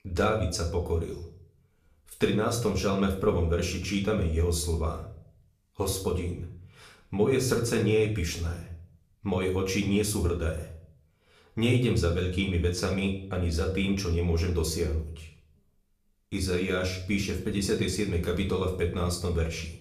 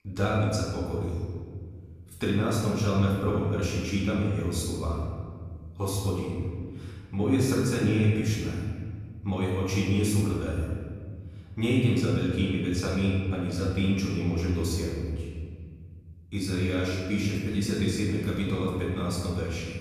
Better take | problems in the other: first | room echo; strong; dies away in 2 s; slight in the first // off-mic speech; far; somewhat distant in the first

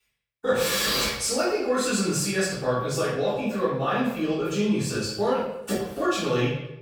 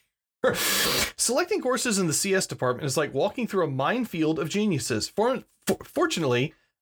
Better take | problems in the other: second | off-mic speech; far // room echo; noticeable; dies away in 0.7 s

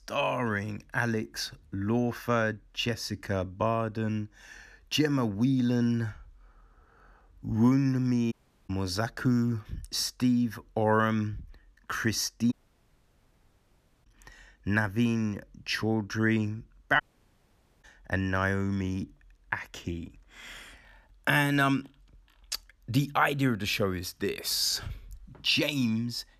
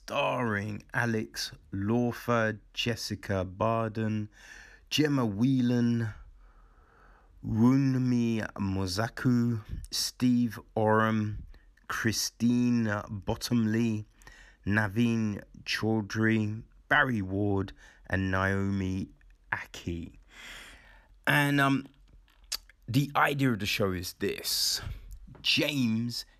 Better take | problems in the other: second | audio cutting out; at 8.5 s, at 13 s for 1.5 s and at 17 s for 1 s

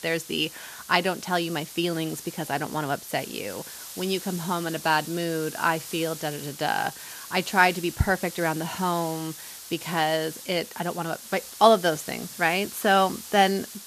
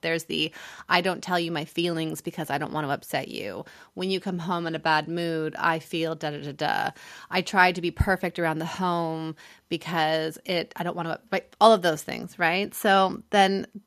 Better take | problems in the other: second | hiss; noticeable; throughout; 15 dB below the speech

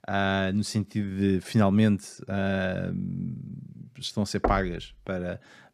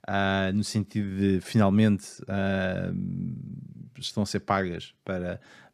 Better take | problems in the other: second | door banging; noticeable; at 4.5 s; peak 3 dB below the speech

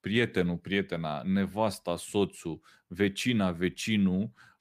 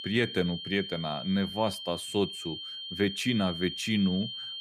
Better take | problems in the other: first | high-pitched whine; loud; throughout; 3 kHz, 7 dB below the speech

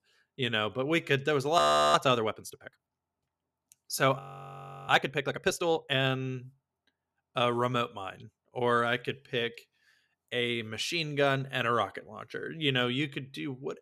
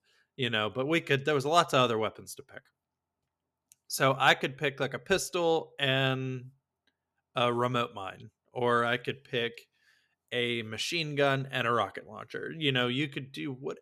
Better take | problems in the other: second | audio freezing; at 1.5 s and at 4 s for 0.5 s

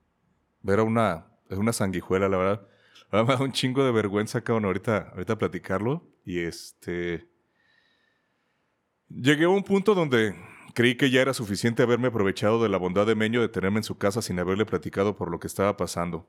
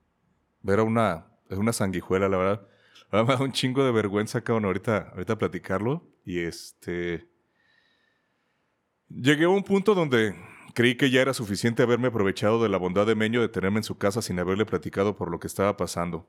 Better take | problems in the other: neither | none

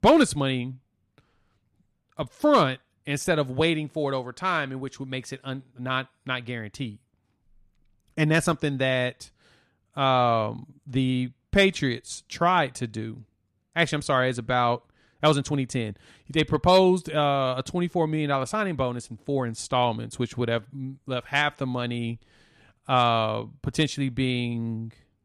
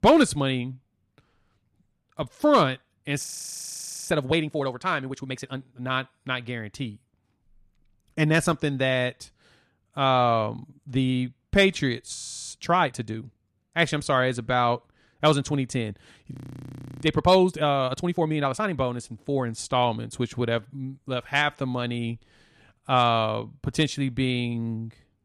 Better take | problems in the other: first | audio freezing; at 3 s for 1 s, at 12 s and at 16 s for 0.5 s

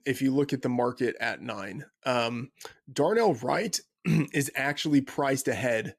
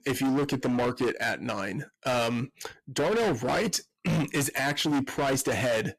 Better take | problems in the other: first | distortion; heavy; 23% of the sound clipped

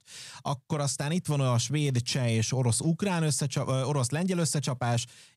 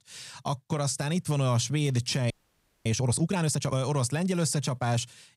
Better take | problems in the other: first | audio freezing; at 2.5 s for 0.5 s

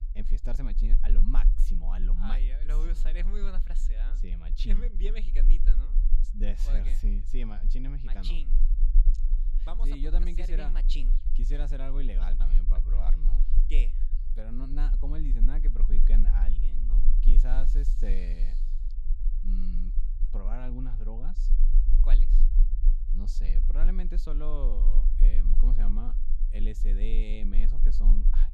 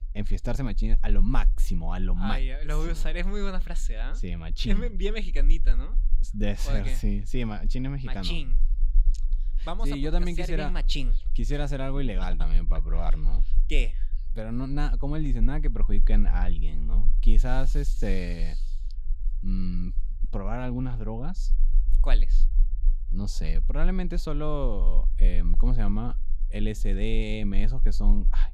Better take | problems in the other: second | low rumble; loud; throughout; 10 dB below the speech; faint in the second

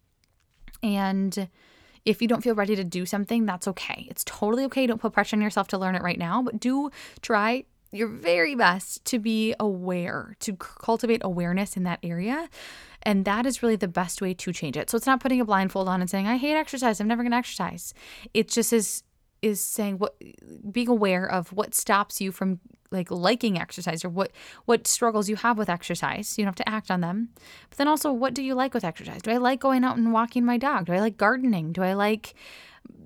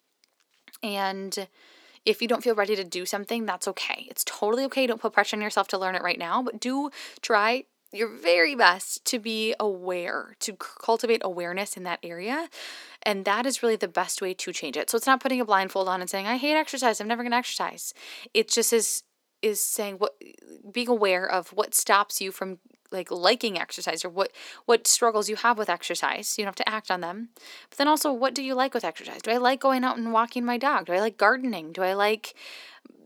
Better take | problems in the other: first | thin; somewhat; fading below 300 Hz

